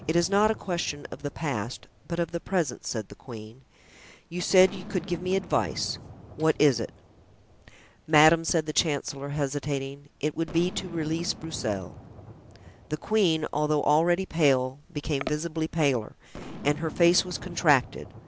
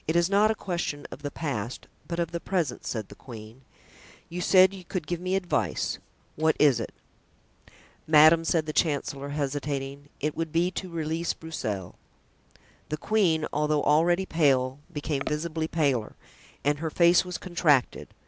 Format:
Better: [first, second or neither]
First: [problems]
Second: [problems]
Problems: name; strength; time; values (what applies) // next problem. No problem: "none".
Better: second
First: background sound (Boom); 18 dB below the speech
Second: none